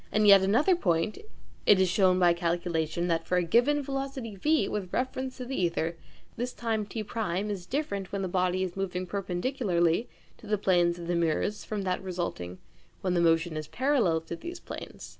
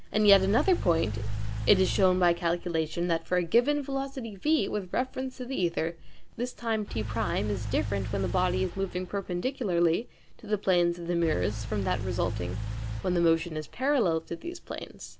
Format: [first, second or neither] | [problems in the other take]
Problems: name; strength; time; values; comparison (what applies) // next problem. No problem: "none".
first | background sound (Engine / Car); 7 dB below the speech